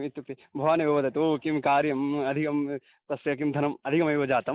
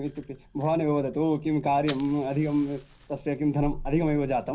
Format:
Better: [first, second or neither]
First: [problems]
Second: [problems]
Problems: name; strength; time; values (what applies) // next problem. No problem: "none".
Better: first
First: none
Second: background sound (Fire); 15 dB below the speech // room echo; dies away in 0.4 s